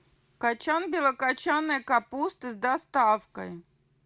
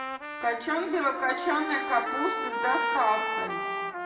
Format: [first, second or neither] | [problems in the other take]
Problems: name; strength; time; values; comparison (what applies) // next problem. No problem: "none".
first | background sound (Trumpet); 3 dB below the speech // room echo; dies away in 1.8 s